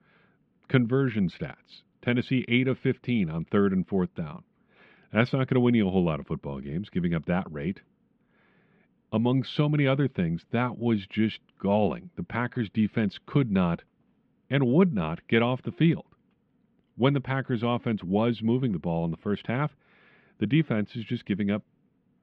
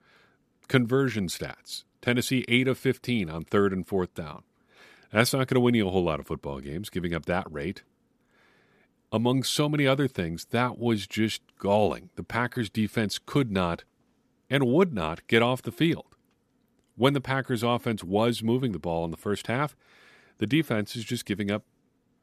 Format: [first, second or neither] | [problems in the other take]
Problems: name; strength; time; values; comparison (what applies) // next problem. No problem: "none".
second | muffled; slightly; fading above 3 kHz